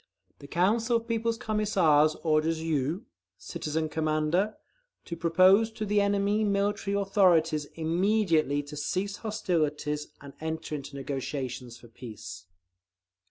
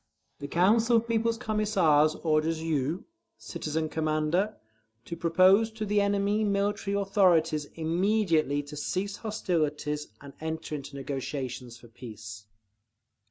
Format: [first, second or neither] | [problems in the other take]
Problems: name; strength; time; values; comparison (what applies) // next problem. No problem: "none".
first | noise reduction (neural mask model Resemble Enhance denoiser)